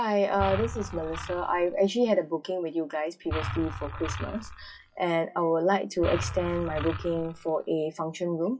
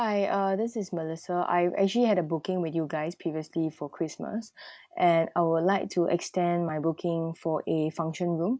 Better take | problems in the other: second | noise reduction (classical method WPE with log-MMSE)

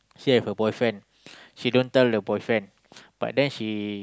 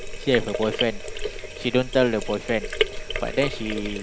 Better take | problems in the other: first | background sound (Sink (filling or washing)); 4 dB below the speech

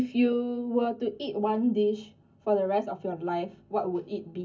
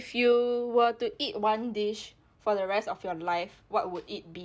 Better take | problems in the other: second | room echo; dies away in 0.3 s

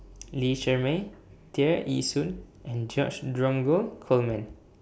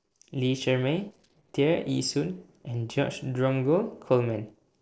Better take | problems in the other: first | noise reduction (neural separator model SepFormer DNS4)

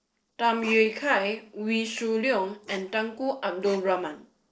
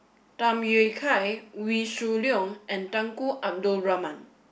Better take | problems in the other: second | noise reduction (neural separator model SepFormer DNS4)

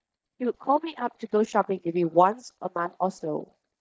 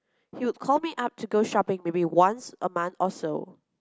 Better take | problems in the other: second | noise reduction (neural mask model DeepFilterNet 3)

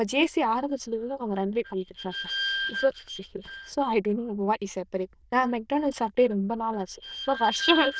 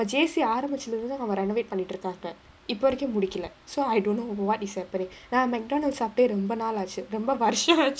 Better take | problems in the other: second | noise reduction (neural diffusion model UNIVERSE++)

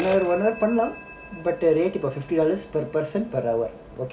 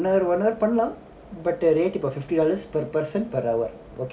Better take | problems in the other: second | background sound (Telephone); 17 dB below the speech

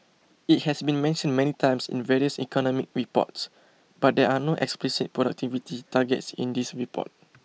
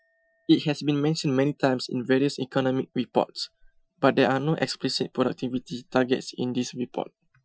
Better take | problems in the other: first | noise reduction (classical method Wiener filter)

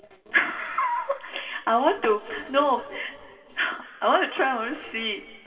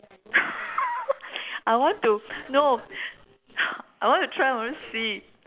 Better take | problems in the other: second | room echo; dies away in 2.6 s

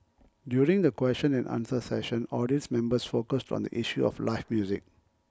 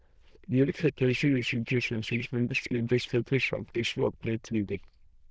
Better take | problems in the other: first | noise reduction (neural diffusion model UNIVERSE++)

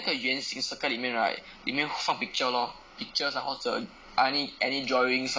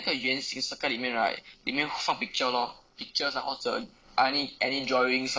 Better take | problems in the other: first | noise reduction (neural separator model SepFormer DNS4)

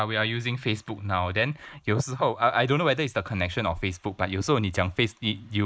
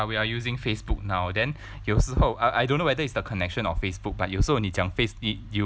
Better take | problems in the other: second | noise reduction (neural mask model Resemble Enhance denoiser)

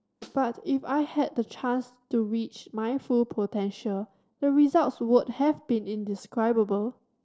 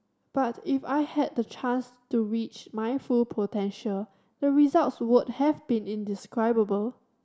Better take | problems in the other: second | noise reduction (neural separator model SepFormer DNS4)

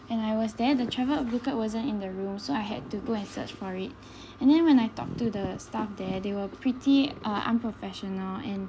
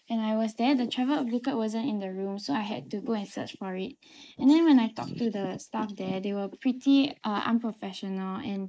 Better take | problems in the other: first | noise reduction (neural mask model Resemble Enhance denoiser)

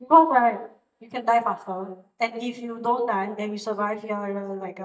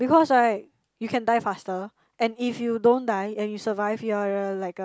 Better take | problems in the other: second | noise reduction (neural mask model DeepFilterNet 3)

